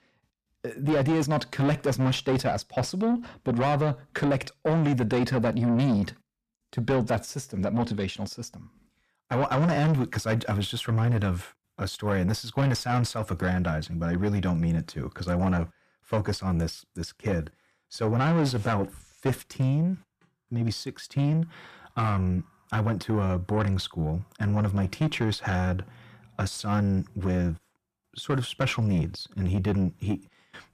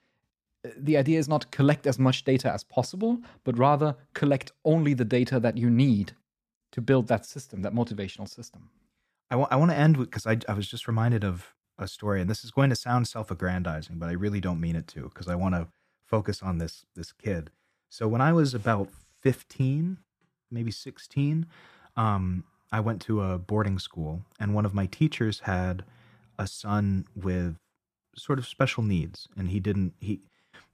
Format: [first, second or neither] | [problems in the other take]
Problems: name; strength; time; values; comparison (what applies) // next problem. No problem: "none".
second | distortion; heavy; 7 dB below the speech